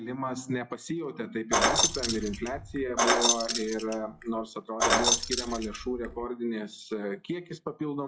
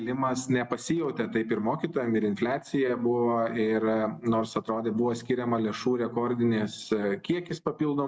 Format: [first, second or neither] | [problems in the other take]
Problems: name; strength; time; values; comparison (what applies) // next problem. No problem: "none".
second | noise reduction (classical method log-MMSE)